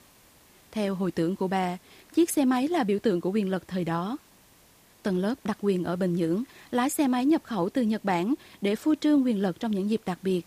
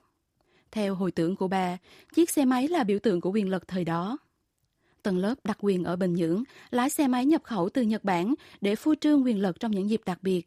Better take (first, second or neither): second